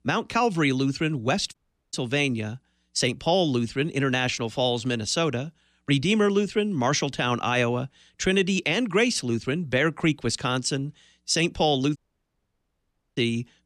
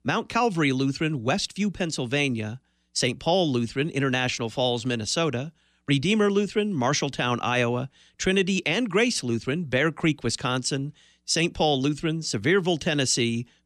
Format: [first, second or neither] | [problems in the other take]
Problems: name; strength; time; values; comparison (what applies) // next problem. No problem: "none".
second | audio cutting out; at 1.5 s and at 12 s for 1 s